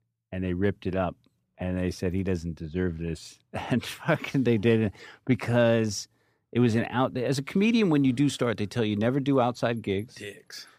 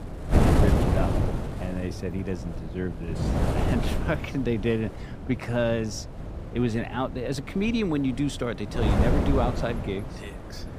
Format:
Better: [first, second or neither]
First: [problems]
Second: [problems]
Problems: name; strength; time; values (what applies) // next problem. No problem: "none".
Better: first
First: none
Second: wind noise on the microphone; heavy; 2 dB below the speech